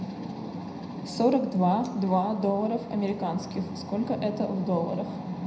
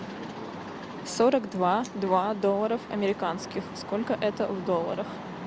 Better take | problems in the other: second | room echo; dies away in 0.7 s

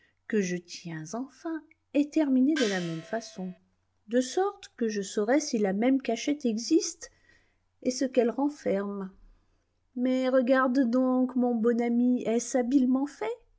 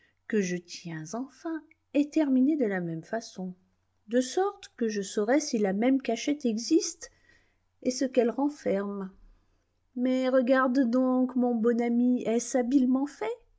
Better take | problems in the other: second | background sound (Gong); 12 dB below the speech

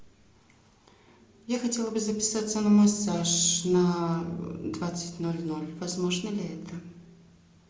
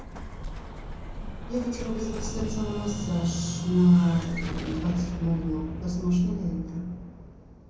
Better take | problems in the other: first | background sound (Explosion); 8 dB below the speech // room echo; dies away in 0.6 s

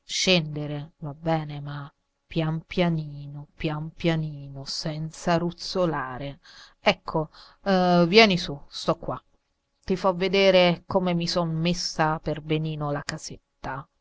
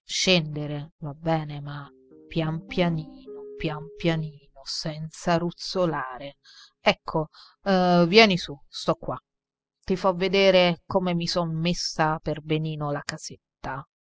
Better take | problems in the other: first | noise reduction (classical method spectral subtraction)

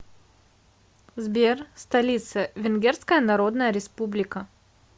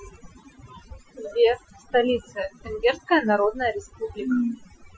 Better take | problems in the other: first | noise reduction (classical method Wiener filter)

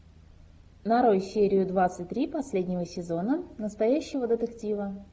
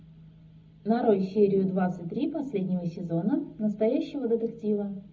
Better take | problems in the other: first | room echo; dies away in 0.4 s

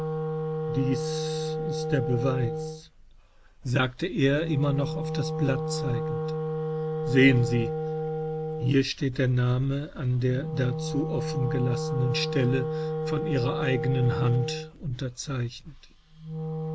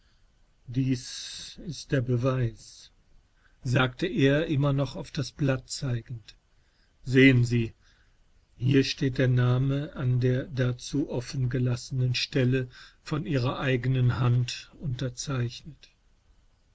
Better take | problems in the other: second | background sound (Wind instrument, woodwind instrument); 3 dB below the speech

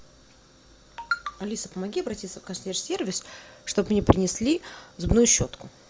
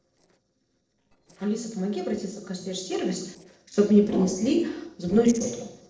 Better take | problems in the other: first | noise reduction (neural separator model SepFormer DNS4)

